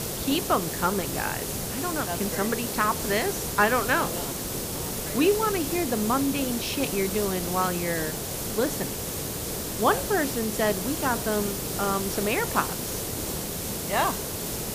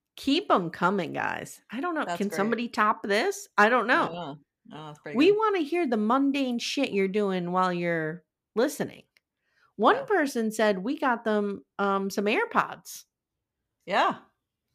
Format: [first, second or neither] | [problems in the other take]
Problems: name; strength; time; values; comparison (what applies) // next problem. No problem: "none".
second | hiss; loud; throughout; 2 dB below the speech